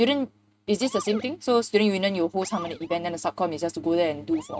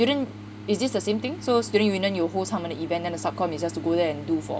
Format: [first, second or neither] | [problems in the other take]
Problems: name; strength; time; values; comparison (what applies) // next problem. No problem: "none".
second | noise reduction (neural mask model RNNoise)